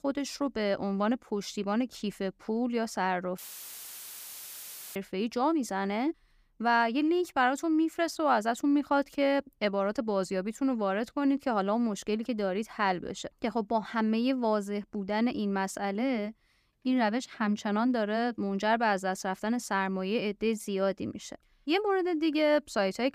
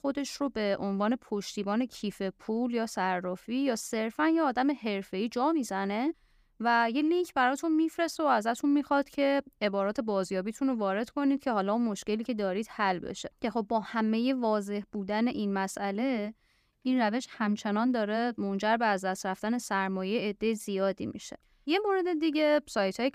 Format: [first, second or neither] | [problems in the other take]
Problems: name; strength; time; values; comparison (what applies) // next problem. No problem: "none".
second | audio cutting out; filled with static; at 3.5 s for 1.5 s